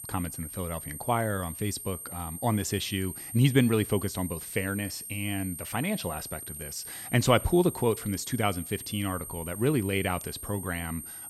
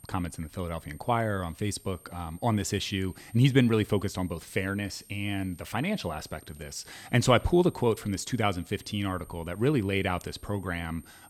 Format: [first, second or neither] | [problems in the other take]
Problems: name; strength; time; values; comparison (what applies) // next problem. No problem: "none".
second | high-pitched whine; loud; throughout; 8.5 kHz, 9 dB below the speech; faint in the second